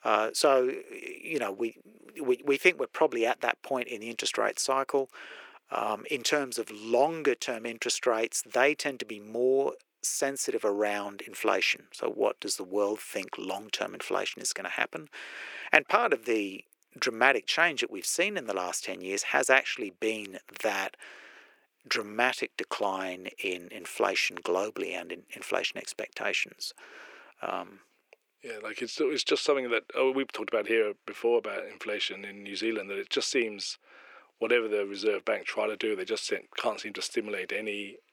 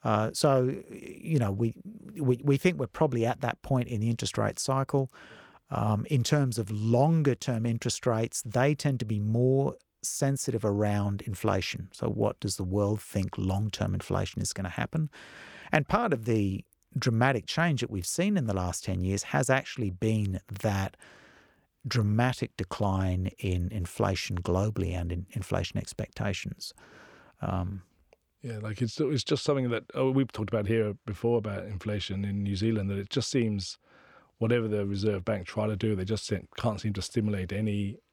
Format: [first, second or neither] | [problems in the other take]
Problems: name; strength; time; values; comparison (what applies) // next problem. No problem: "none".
second | thin; very; fading below 350 Hz